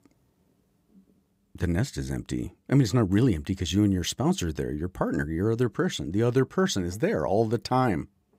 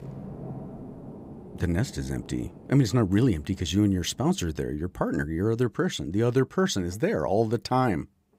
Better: first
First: none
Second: rain or running water; noticeable; throughout; 15 dB below the speech

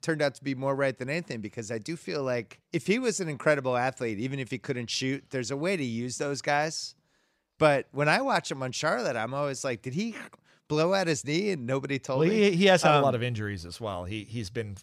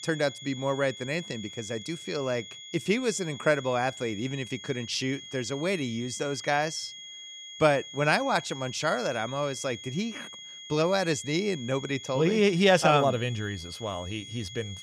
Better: first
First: none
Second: high-pitched whine; noticeable; throughout; 3.5 kHz, 15 dB below the speech

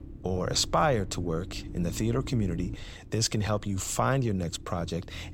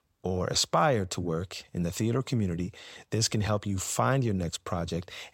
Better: second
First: low rumble; faint; throughout; 20 dB below the speech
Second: none

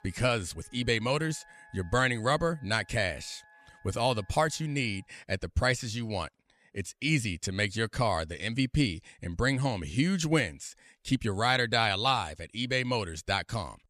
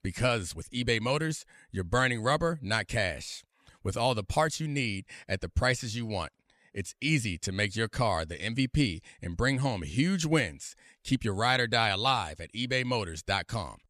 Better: second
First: background music; faint; throughout; 30 dB below the speech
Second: none

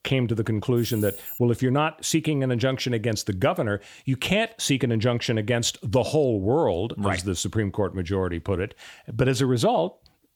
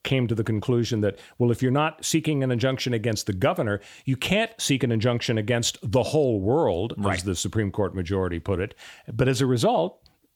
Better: second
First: jangling keys; noticeable; at 1 s; peak 9 dB below the speech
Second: none

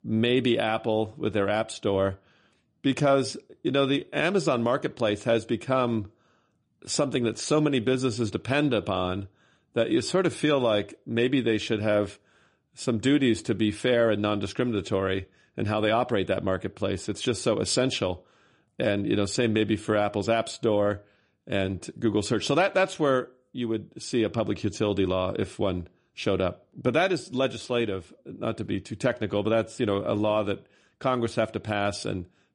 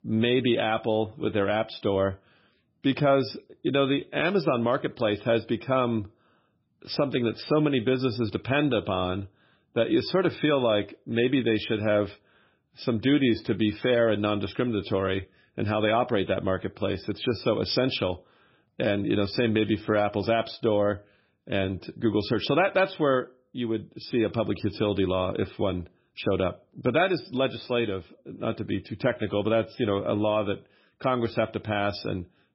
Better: first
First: garbled, watery; slightly; nothing above 10 kHz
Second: garbled, watery; badly; nothing above 5.5 kHz

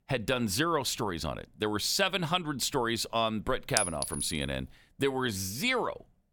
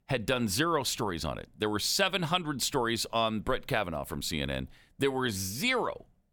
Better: second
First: clattering dishes; loud; at 4 s; peak level with the speech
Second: none

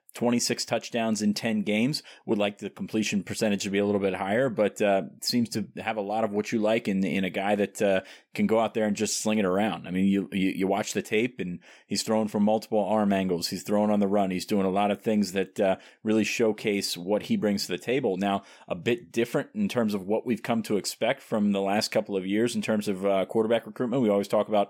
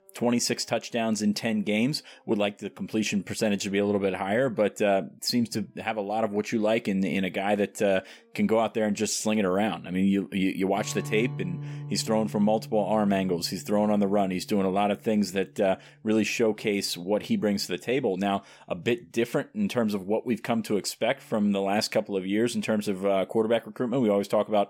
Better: first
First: none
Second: background music; noticeable; throughout; 15 dB below the speech

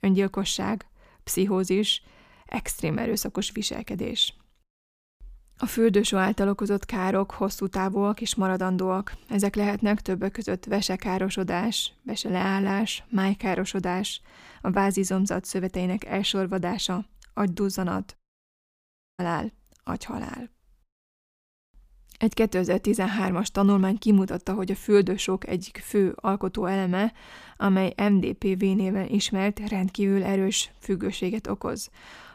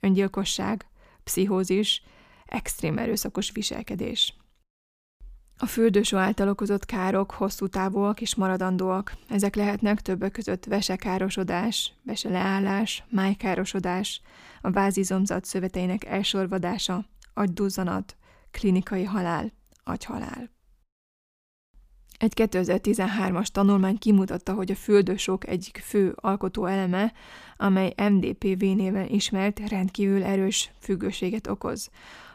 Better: second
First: audio cutting out; at 18 s for 1 s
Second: none

